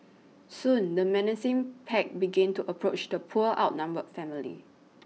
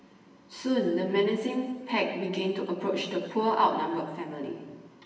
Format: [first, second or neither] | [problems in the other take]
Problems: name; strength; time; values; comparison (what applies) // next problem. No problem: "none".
first | room echo; dies away in 1.3 s